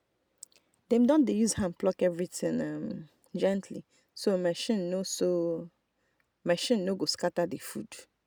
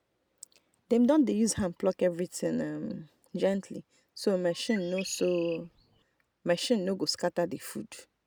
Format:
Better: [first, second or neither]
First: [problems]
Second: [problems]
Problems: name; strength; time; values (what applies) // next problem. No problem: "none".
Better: first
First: none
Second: background sound (Bird); 16 dB below the speech